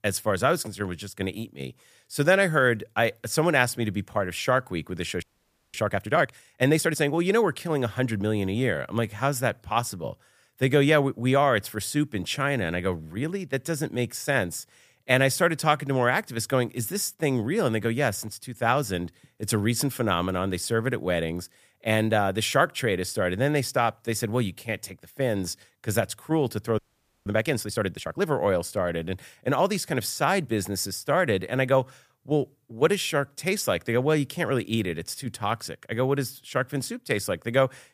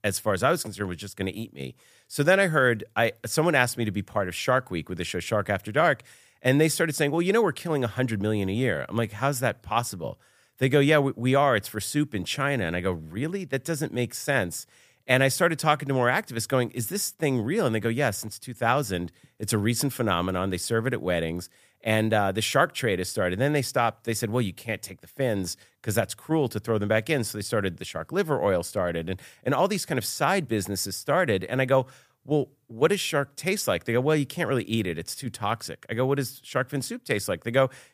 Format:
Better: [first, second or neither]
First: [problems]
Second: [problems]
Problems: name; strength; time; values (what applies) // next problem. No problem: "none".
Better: second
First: audio freezing; at 5 s for 0.5 s and at 27 s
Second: none